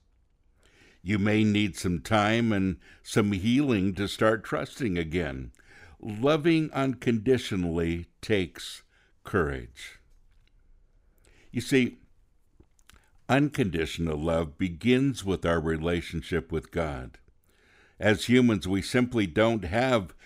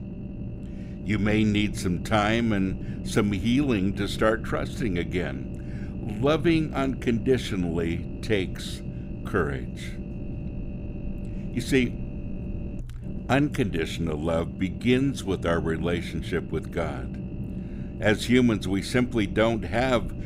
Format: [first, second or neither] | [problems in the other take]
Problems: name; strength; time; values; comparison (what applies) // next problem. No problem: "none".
first | low rumble; noticeable; throughout; 15 dB below the speech